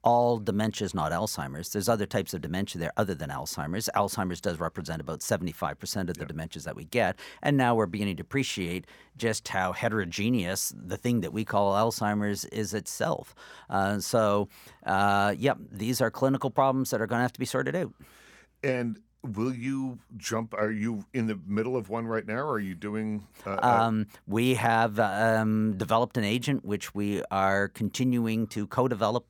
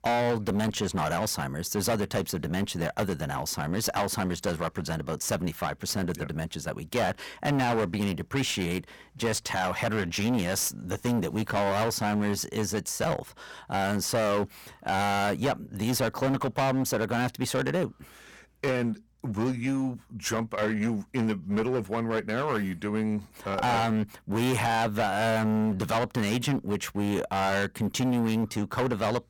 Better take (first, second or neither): first